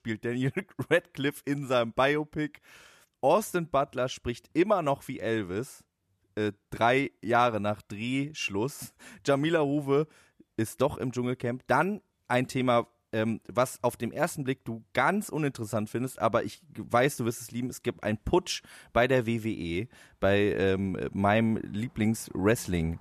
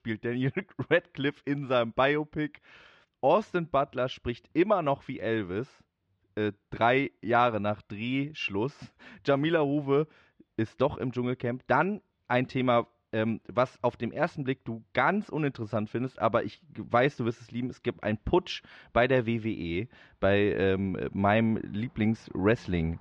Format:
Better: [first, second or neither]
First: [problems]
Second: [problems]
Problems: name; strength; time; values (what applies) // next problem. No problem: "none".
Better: first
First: none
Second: muffled; slightly; fading above 4 kHz